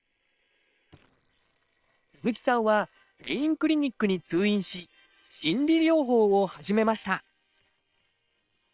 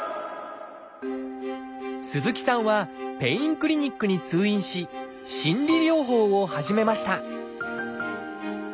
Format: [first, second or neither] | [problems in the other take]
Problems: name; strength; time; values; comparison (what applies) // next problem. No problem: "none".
second | noise reduction (neural separator model SepFormer WHAM!)